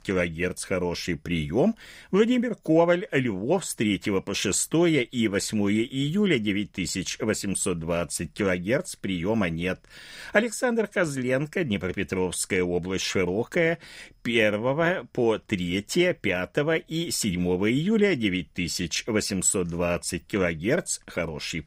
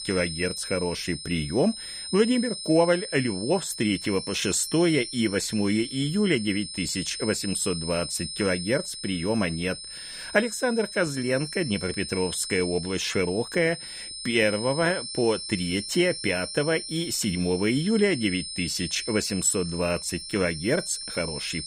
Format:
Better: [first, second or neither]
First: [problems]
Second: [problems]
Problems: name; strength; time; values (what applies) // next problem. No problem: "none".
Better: first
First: none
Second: high-pitched whine; loud; throughout; 5 kHz, 8 dB below the speech